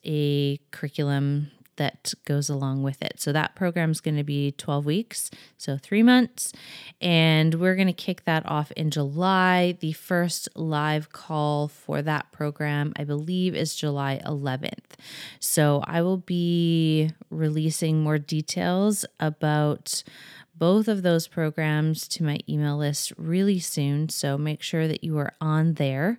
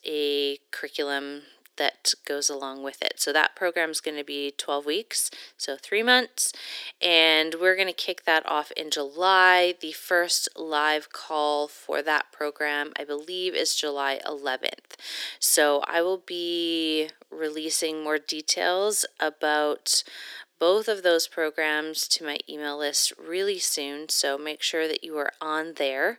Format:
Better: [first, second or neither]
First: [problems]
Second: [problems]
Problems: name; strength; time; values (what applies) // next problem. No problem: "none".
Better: first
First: none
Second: thin; very; fading below 350 Hz